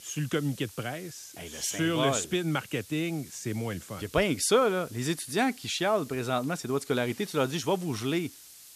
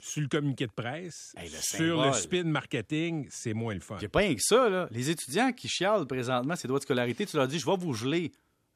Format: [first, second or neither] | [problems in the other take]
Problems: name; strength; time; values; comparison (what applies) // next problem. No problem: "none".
second | hiss; noticeable; throughout; 20 dB below the speech